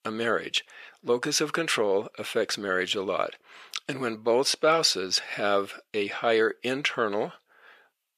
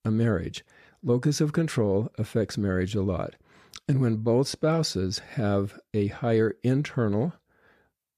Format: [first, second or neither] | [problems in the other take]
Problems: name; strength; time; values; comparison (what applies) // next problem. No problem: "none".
second | thin; very; fading below 550 Hz